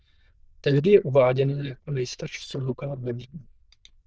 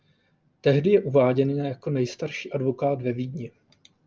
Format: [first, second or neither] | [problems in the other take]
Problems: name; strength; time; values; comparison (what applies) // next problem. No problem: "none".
second | noise reduction (neural diffusion model UNIVERSE++)